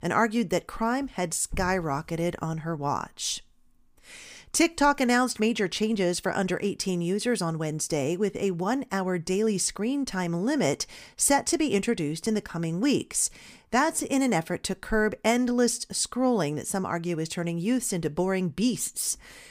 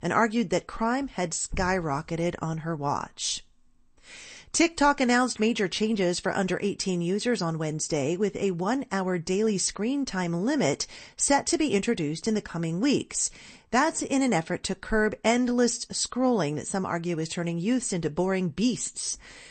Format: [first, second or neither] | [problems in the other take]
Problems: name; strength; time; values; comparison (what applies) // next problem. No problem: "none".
first | garbled, watery; slightly; nothing above 8.5 kHz